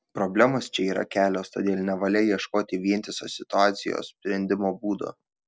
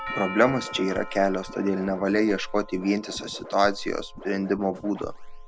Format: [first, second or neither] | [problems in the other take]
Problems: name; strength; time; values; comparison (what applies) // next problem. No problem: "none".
first | background sound (Doorbell + Scratching (performance technique)); 11 dB below the speech